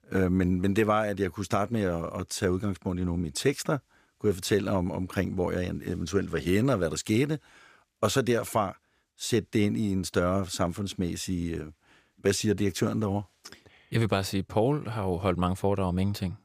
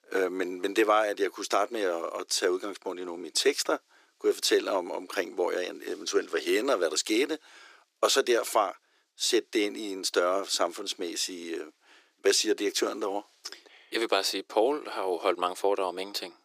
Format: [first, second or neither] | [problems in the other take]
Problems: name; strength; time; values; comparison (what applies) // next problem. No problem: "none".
first | thin; very; fading below 350 Hz